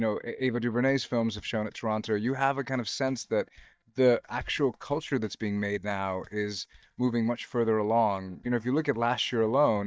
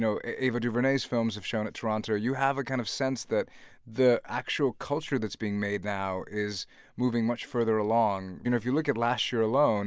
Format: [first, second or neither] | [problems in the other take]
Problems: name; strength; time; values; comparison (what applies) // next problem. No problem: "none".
second | noise reduction (neural mask model DeepFilterNet 3)